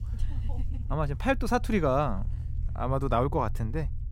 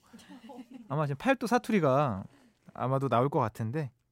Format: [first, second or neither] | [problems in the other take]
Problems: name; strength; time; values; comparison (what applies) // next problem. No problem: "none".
second | low rumble; faint; throughout; 25 dB below the speech